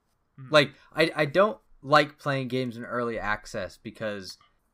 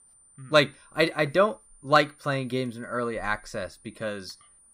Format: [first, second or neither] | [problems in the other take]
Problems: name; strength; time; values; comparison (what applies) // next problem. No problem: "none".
first | high-pitched whine; faint; throughout; 9.5 kHz, 30 dB below the speech